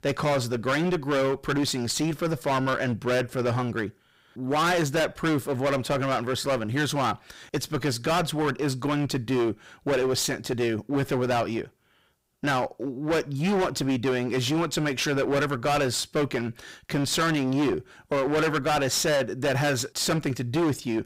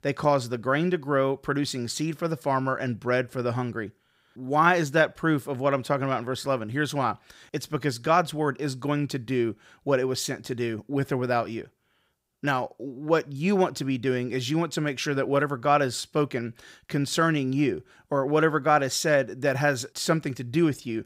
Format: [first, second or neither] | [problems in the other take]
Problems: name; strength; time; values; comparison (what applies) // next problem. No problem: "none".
second | distortion; heavy; 21% of the sound clipped